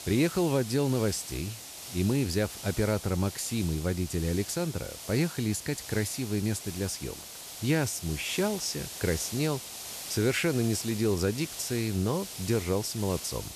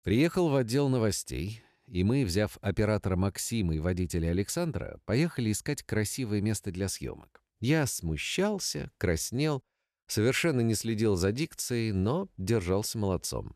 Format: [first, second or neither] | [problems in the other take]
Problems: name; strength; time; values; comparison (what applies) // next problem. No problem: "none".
second | hiss; loud; throughout; 9 dB below the speech